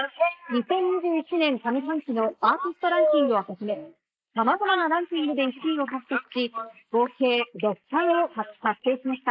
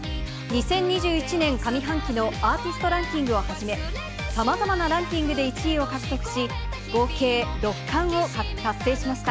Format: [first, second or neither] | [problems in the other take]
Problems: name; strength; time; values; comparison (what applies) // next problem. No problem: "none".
second | noise reduction (neural mask model Resemble Enhance denoiser)